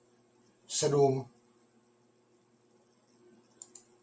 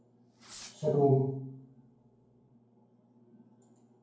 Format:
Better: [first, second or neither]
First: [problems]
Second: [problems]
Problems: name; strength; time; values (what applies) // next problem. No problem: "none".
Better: first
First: none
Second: background sound (Fireworks); 19 dB below the speech // room echo; dies away in 0.9 s